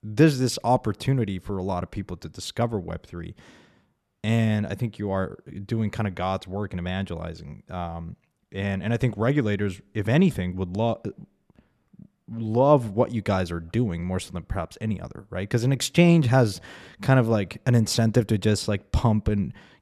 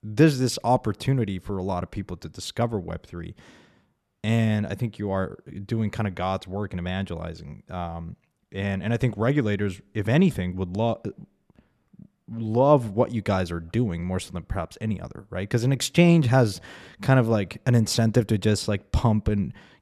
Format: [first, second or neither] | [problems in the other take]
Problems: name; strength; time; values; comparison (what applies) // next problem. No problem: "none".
neither | none